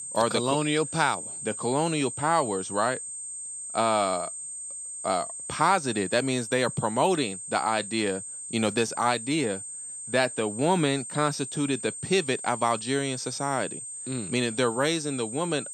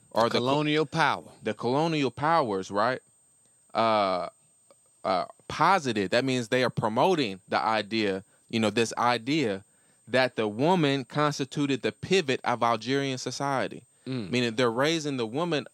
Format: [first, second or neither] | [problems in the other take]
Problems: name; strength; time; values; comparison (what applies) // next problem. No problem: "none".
second | high-pitched whine; loud; throughout; 8.5 kHz, 8 dB below the speech; faint in the second